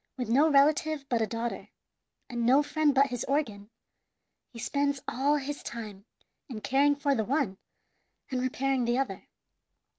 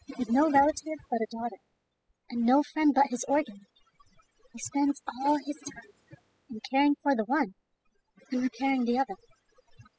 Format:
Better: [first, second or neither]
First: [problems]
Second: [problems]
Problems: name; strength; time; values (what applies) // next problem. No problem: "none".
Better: first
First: none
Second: noise reduction (classical method spectral subtraction)